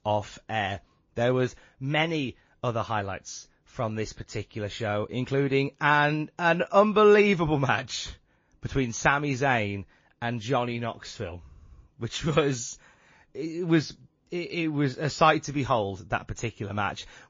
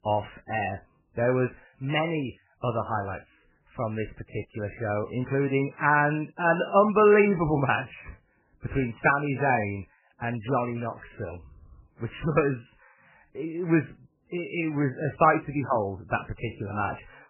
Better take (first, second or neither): first